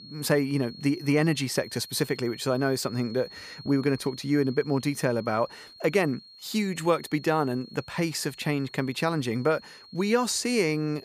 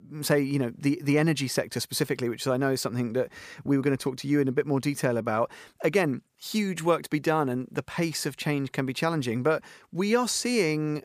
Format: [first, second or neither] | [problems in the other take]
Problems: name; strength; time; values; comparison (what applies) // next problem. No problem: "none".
second | high-pitched whine; noticeable; throughout; 4.5 kHz, 20 dB below the speech